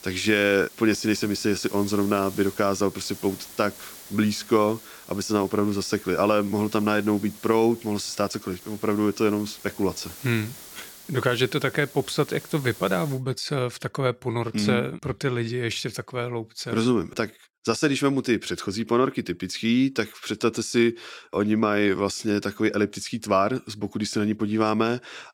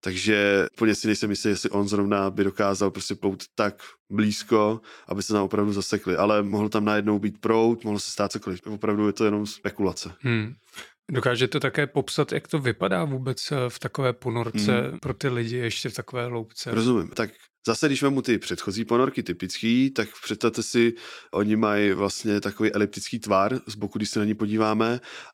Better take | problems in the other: second | hiss; noticeable; until 13 s; 15 dB below the speech

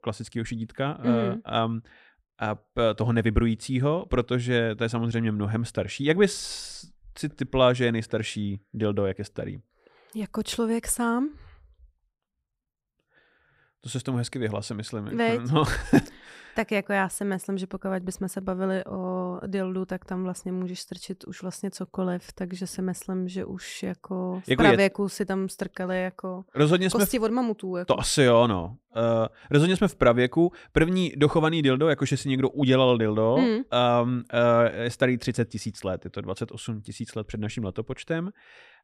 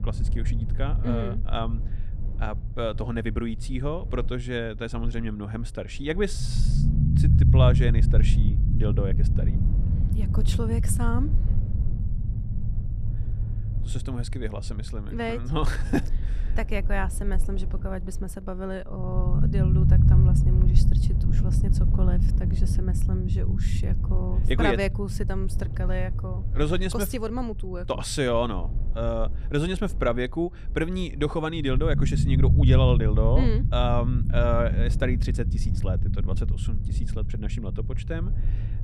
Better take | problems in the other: first | low rumble; loud; throughout; 8 dB below the speech

